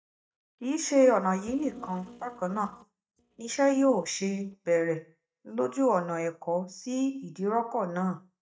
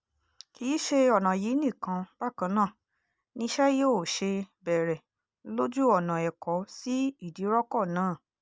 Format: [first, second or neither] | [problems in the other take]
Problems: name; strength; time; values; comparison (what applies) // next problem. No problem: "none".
second | noise reduction (neural mask model DeepFilterNet 3)